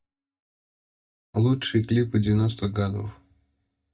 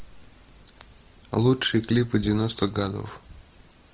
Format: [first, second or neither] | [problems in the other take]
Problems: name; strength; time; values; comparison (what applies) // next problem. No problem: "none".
second | noise reduction (neural mask model DeepFilterNet 3)